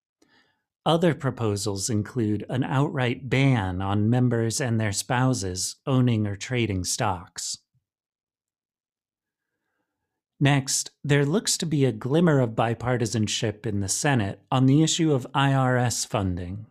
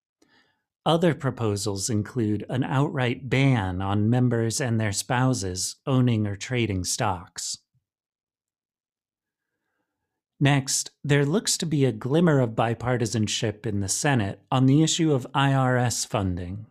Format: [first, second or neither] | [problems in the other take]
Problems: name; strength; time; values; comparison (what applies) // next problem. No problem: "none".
neither | none